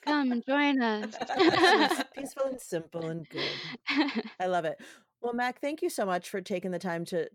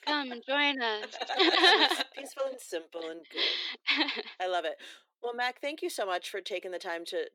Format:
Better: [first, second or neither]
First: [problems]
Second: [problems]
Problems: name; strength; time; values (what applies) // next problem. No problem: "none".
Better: first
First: none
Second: thin; somewhat; fading below 350 Hz